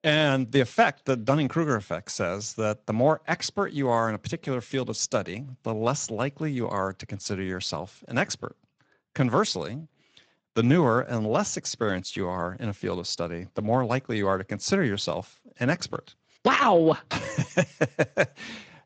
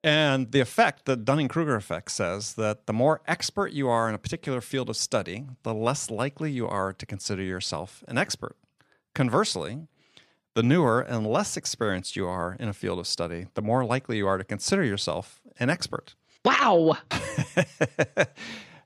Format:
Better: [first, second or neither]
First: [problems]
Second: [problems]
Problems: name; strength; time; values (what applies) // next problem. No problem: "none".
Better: second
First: garbled, watery; slightly; nothing above 7.5 kHz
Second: none